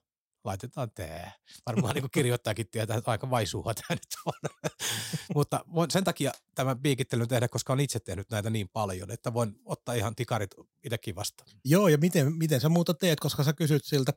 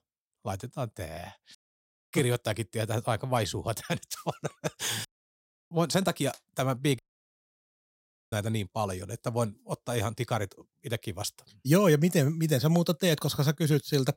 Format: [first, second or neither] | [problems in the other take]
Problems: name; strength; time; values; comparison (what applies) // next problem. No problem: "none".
first | audio cutting out; at 1.5 s for 0.5 s, at 5 s for 0.5 s and at 7 s for 1.5 s